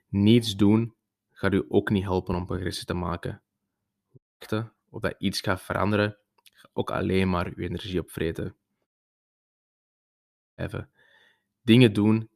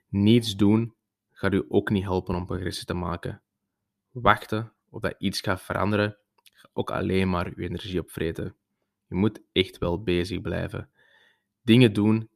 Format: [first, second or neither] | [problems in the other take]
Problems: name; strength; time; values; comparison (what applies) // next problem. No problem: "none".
second | audio cutting out; at 4 s and at 9 s for 1.5 s